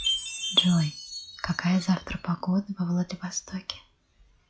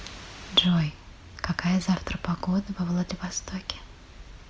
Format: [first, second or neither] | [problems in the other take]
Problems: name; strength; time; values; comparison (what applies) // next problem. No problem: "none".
second | noise reduction (classical method log-MMSE)